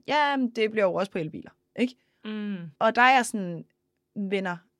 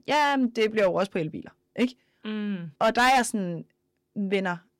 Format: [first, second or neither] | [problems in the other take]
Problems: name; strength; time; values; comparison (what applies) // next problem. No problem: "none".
first | distortion; slight; 4% of the sound clipped